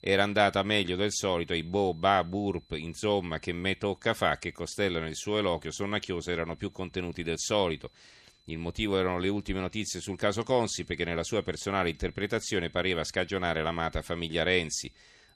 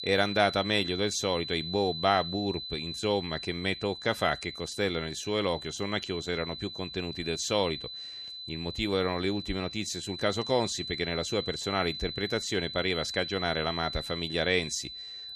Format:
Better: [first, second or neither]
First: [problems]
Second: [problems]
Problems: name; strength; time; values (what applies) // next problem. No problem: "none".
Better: first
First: high-pitched whine; faint; throughout; 4 kHz, 35 dB below the speech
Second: high-pitched whine; loud; throughout; 4 kHz, 7 dB below the speech